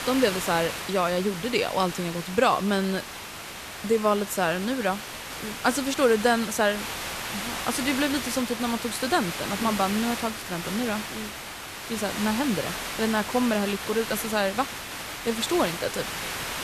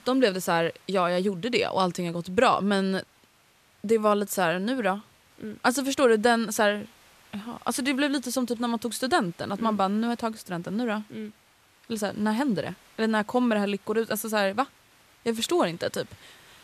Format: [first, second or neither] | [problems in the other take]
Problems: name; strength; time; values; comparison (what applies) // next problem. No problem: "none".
second | hiss; loud; throughout; 6 dB below the speech; faint in the second